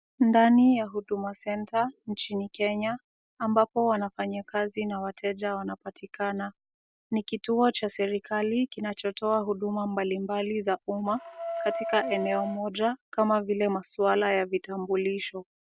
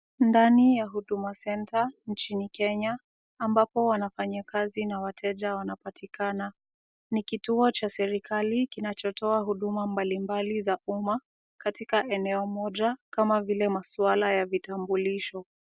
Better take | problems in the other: second | background sound (Wind instrument, woodwind instrument); 8 dB below the speech

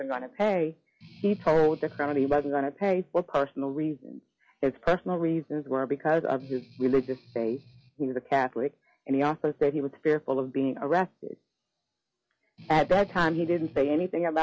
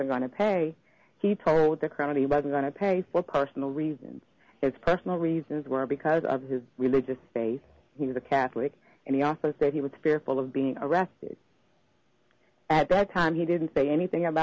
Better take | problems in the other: second | noise reduction (classical method log-MMSE)

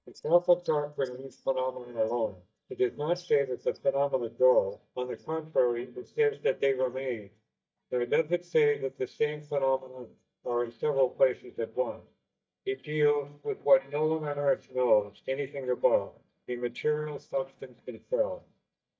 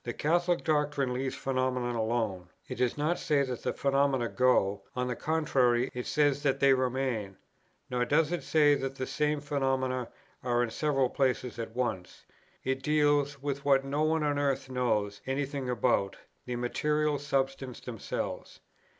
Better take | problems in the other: second | noise reduction (neural mask model DeepFilterNet 3)

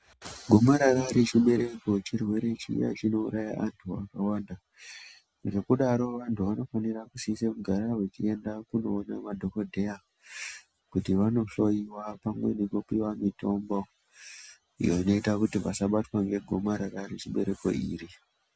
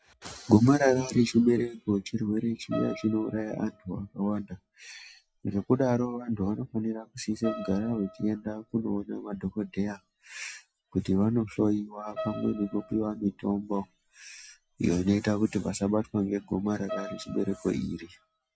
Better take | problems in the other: first | noise reduction (classical method log-MMSE)

